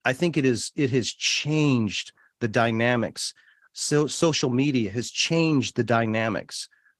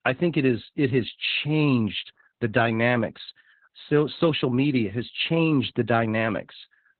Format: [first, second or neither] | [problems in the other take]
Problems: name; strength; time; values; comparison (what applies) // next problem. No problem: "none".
first | garbled, watery; badly; nothing above 4 kHz; slightly in the first